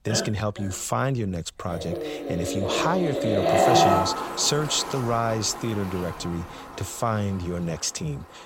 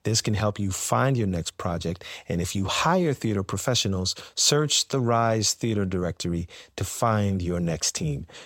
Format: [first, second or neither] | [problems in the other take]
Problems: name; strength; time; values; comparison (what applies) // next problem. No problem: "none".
second | animal sounds; very loud; throughout; 1 dB above the speech